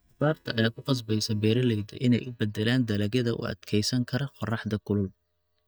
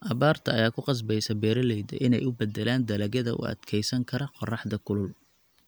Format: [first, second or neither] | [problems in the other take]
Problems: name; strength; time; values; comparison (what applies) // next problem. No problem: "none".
second | noise reduction (neural mask model DeepFilterNet 3)